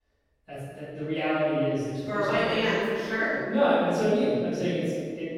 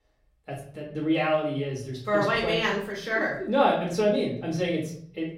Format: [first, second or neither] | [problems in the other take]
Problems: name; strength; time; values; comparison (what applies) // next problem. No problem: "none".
second | room echo; strong; dies away in 1.9 s; slight in the second // off-mic speech; far; far in the second